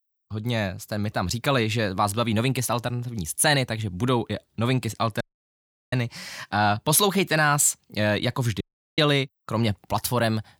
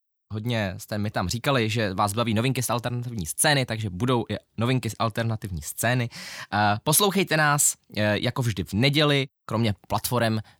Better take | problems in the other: second | audio cutting out; at 5 s for 0.5 s and at 8.5 s

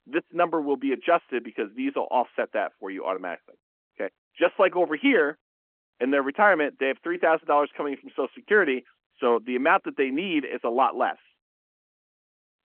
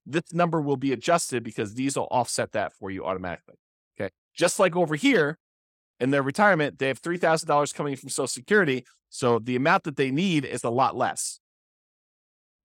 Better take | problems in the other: second | phone-call audio

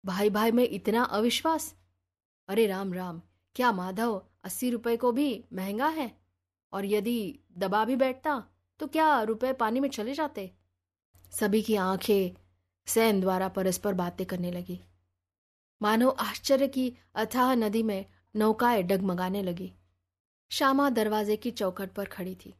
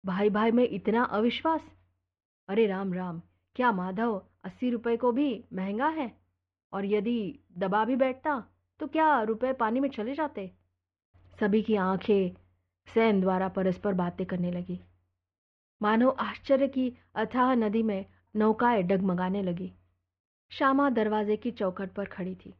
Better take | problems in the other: first | muffled; very; fading above 3 kHz

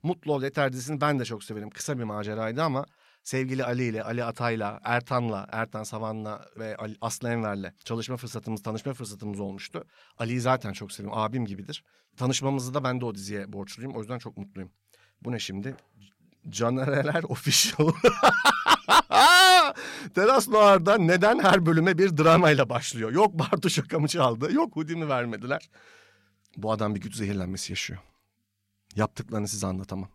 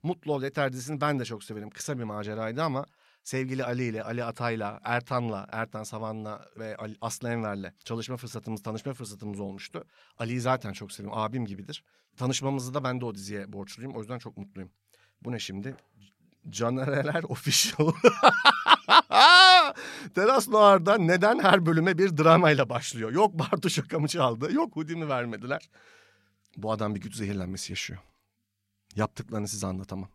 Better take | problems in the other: second | distortion; slight; 1.3% of the sound clipped

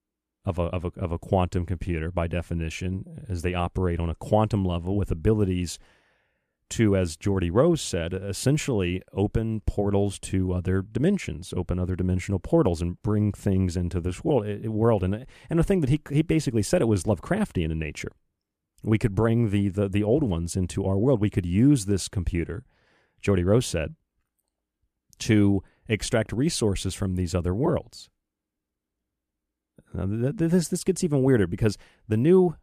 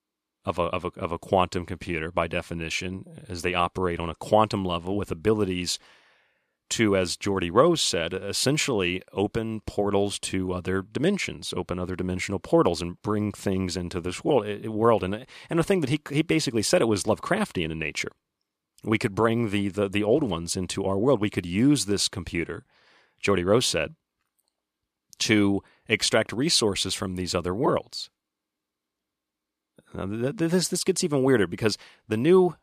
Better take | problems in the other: first | thin; very slightly; fading below 350 Hz

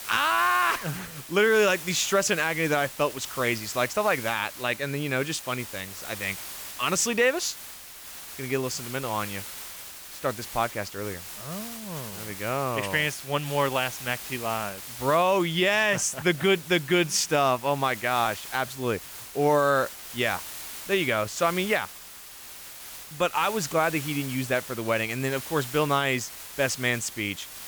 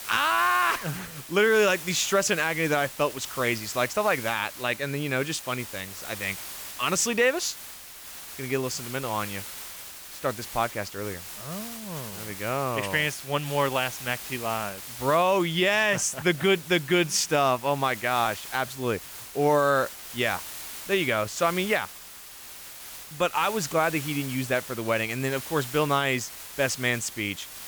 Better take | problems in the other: neither | hiss; noticeable; throughout; 10 dB below the speech; the same in both

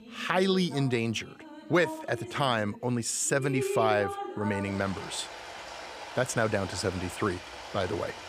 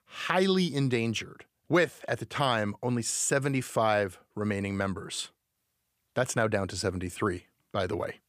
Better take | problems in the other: second | rain or running water; loud; throughout; 10 dB below the speech

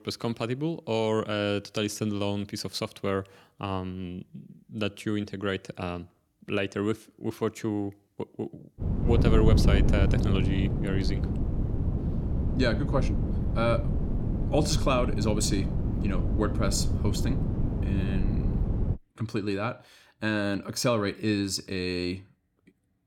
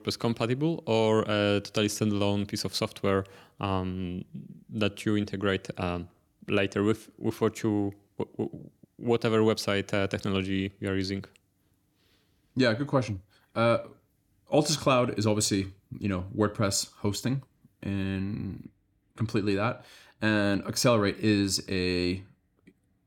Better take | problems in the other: second | wind noise on the microphone; heavy; from 9 to 19 s; 6 dB below the speech

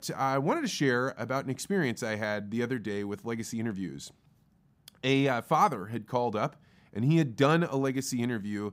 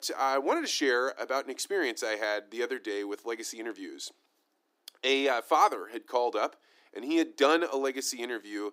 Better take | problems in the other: first | thin; somewhat; fading below 300 Hz

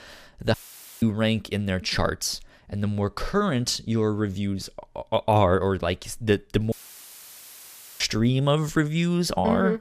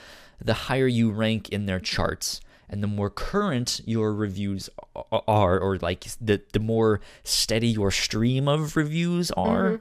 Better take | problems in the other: second | audio cutting out; filled with static; at 0.5 s and at 6.5 s for 1.5 s

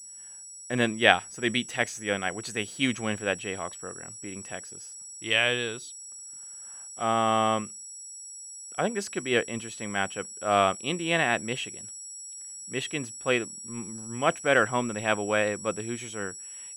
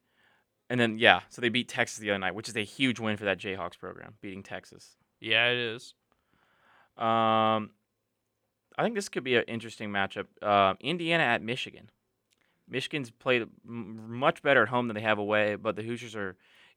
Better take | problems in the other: second | high-pitched whine; noticeable; throughout; 8 kHz, 10 dB below the speech

